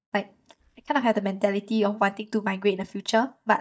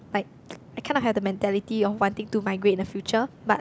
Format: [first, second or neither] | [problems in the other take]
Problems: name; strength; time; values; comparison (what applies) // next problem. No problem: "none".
second | noise reduction (neural mask model DeepFilterNet 3)